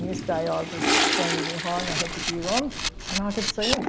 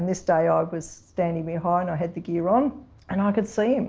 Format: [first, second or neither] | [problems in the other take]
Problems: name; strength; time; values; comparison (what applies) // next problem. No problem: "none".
second | background sound (Camera + Toilet flush); 2 dB above the speech